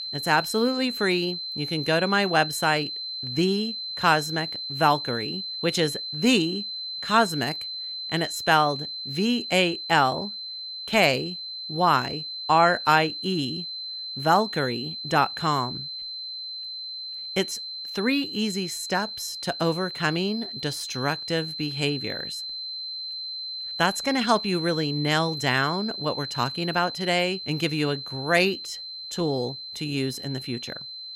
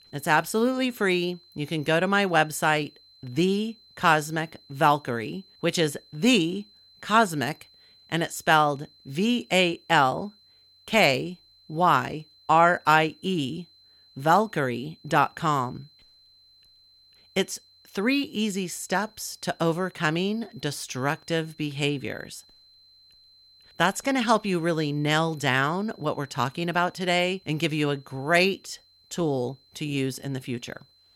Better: second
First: high-pitched whine; loud; throughout; 4 kHz, 7 dB below the speech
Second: high-pitched whine; faint; throughout; 4 kHz, 30 dB below the speech

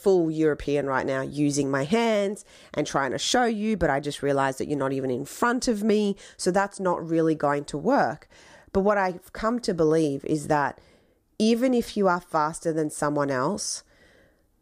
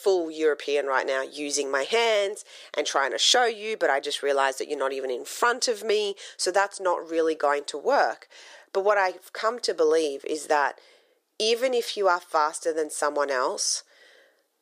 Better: first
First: none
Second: thin; very; fading below 400 Hz

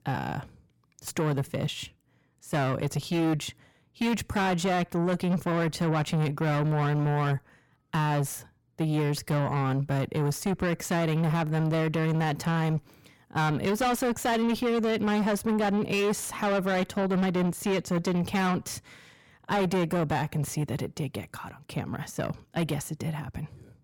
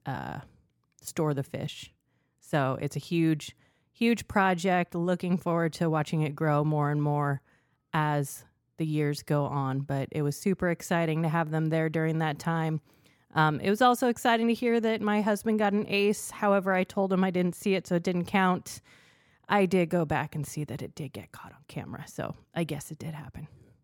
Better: second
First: distortion; heavy; 7 dB below the speech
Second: none

